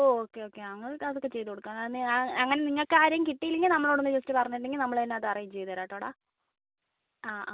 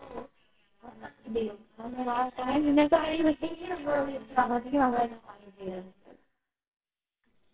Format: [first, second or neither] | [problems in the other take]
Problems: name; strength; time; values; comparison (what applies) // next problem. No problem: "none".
first | noise reduction (neural separator model SepFormer WHAMR!)